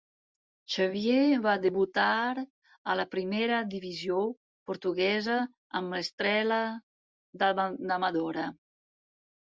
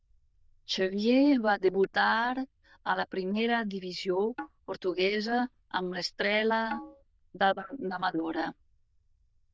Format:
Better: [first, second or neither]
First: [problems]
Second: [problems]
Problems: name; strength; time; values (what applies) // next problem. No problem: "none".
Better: first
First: none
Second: noise reduction (neural diffusion model UNIVERSE++)